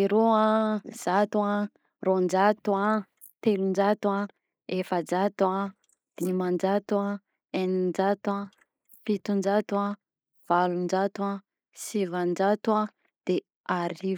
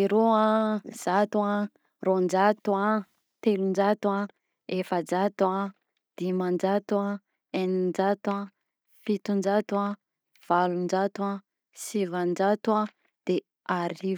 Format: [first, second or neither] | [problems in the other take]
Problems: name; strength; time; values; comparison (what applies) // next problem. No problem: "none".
second | noise reduction (neural mask model Resemble Enhance denoiser)